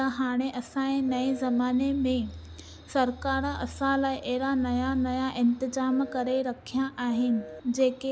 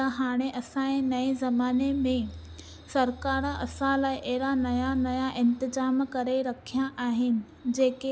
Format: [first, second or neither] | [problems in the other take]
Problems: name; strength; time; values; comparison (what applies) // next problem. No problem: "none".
second | background sound (Telephone); 17 dB below the speech